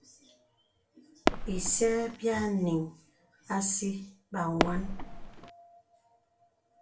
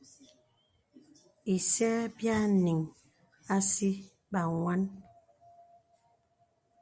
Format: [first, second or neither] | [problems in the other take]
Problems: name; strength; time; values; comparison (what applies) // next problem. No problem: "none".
second | background sound (Fireworks); 2 dB above the speech // room echo; dies away in 0.3 s